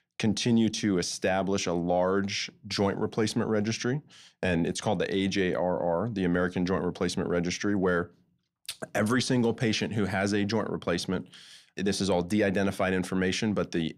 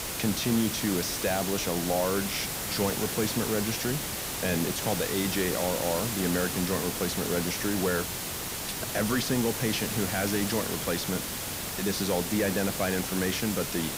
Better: first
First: none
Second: hiss; loud; throughout; 1 dB below the speech

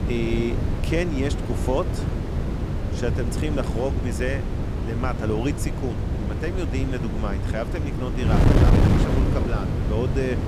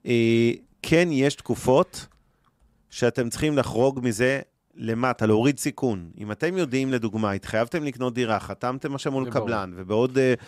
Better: second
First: wind noise on the microphone; heavy; 2 dB below the speech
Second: none

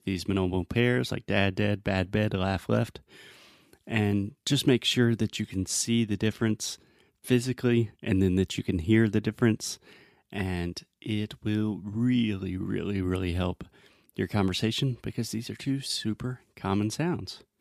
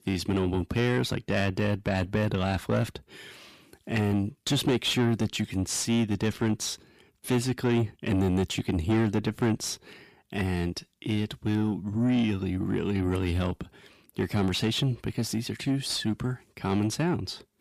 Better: first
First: none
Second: distortion; slight; 10 dB below the speech

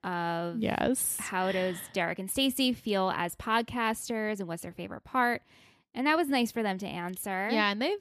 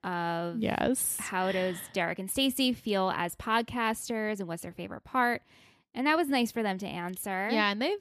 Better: neither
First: none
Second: none

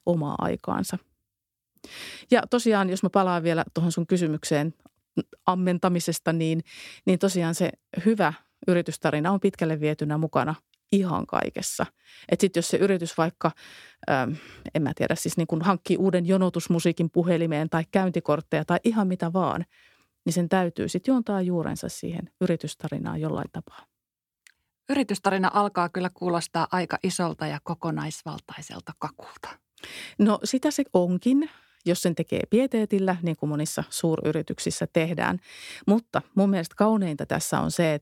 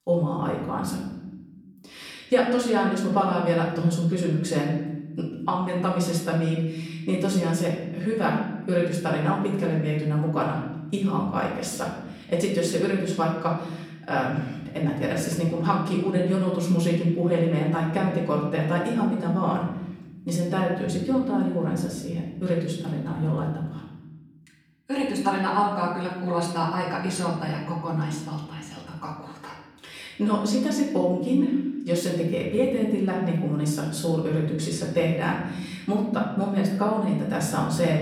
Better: first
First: none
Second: off-mic speech; far // room echo; noticeable; dies away in 1.1 s

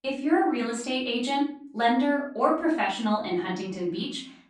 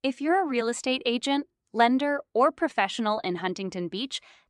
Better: second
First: off-mic speech; far // room echo; noticeable; dies away in 0.4 s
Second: none

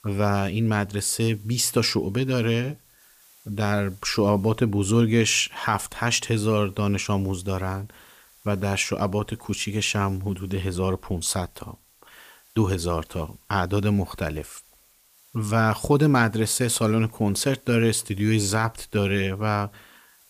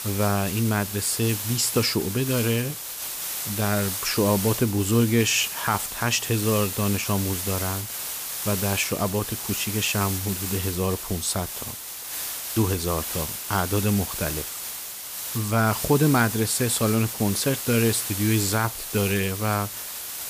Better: first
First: hiss; faint; throughout; 30 dB below the speech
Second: hiss; loud; throughout; 5 dB below the speech

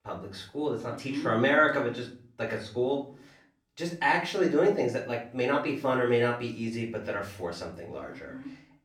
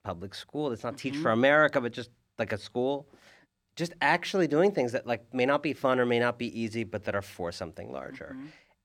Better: second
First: off-mic speech; far // room echo; slight; dies away in 0.4 s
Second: none

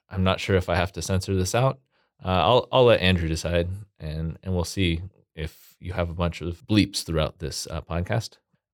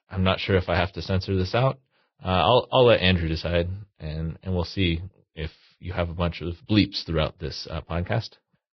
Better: first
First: none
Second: garbled, watery; badly; nothing above 5.5 kHz

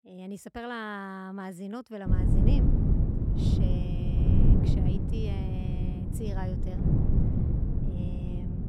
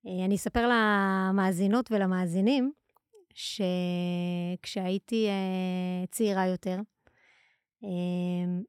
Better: second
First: wind noise on the microphone; heavy; from 2 s on; 3 dB above the speech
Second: none

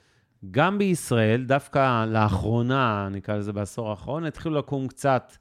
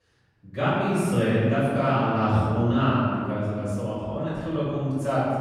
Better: first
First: none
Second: off-mic speech; far // room echo; strong; dies away in 2 s

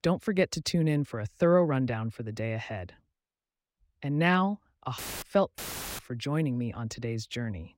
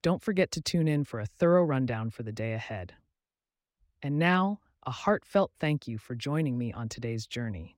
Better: second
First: audio cutting out; filled with static; at 5 s and at 5.5 s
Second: none

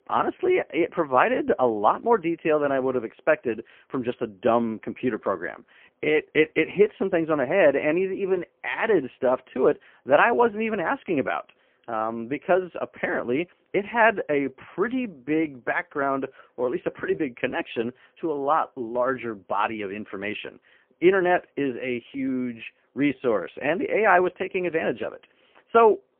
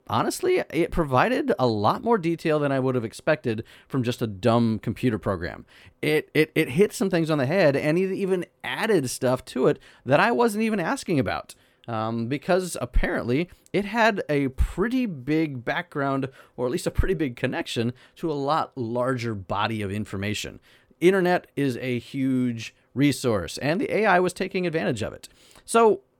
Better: second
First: phone-call audio; poor line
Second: none

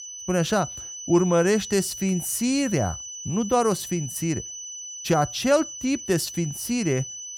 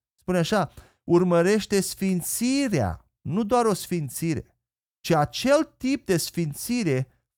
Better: second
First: high-pitched whine; loud; throughout; 6 kHz, 10 dB below the speech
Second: none

